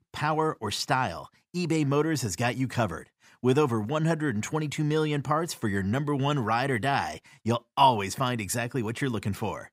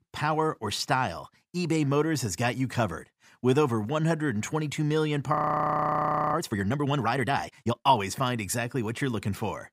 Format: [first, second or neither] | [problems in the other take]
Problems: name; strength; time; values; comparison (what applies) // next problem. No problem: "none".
first | audio freezing; at 5.5 s for 1 s